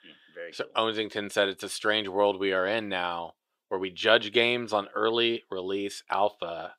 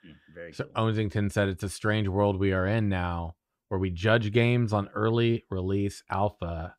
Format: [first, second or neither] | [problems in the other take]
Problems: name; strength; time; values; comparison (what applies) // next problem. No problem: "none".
second | thin; very; fading below 450 Hz